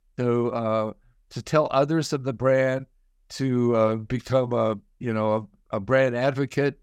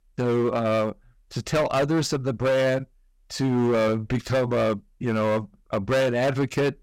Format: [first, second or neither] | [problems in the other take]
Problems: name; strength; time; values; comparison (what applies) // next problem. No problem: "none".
first | distortion; heavy; 16% of the sound clipped